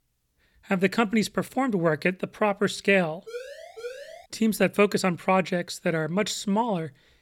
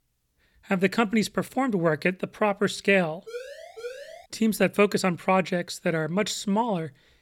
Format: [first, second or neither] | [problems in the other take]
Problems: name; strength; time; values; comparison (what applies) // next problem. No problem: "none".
neither | siren; faint; at 3.5 s; peak 15 dB below the speech; the same in both